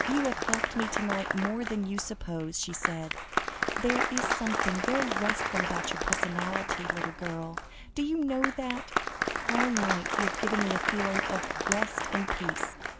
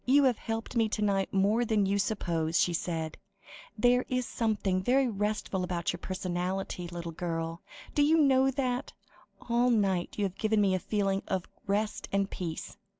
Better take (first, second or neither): second